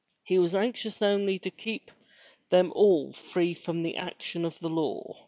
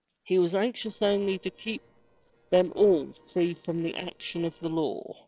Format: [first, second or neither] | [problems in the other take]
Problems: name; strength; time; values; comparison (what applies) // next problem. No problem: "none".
first | noise reduction (neural separator model SepFormer DNS4)